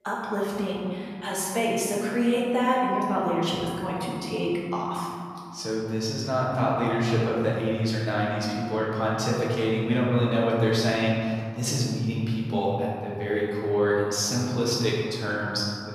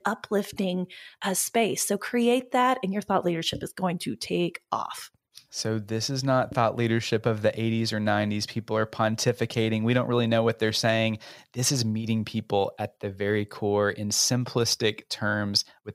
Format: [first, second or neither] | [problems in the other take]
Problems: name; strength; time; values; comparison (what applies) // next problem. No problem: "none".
second | room echo; noticeable; dies away in 2.5 s // off-mic speech; far